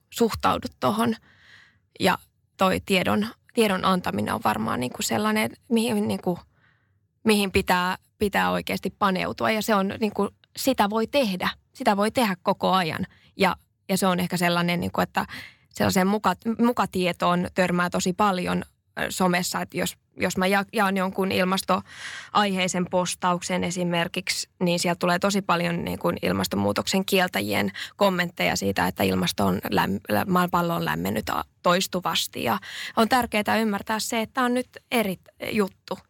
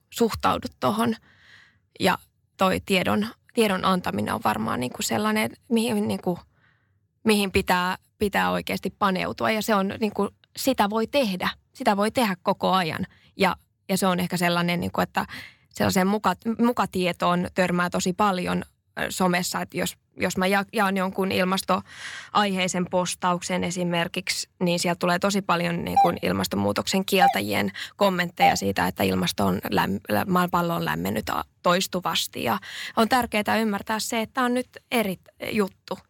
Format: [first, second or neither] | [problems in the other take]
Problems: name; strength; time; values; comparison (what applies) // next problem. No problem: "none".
first | doorbell; loud; from 26 to 29 s; peak 2 dB above the speech